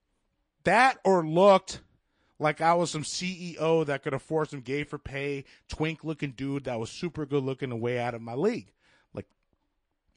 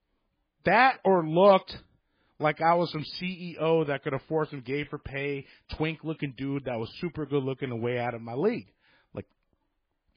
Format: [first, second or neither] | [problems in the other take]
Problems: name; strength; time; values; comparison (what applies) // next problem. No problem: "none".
first | garbled, watery; badly; nothing above 5 kHz; slightly in the first